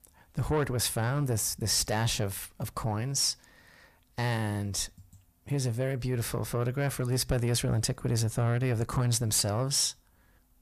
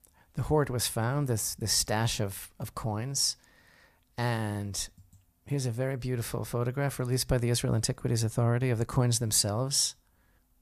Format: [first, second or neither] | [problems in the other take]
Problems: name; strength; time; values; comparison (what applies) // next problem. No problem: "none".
second | distortion; slight; 10 dB below the speech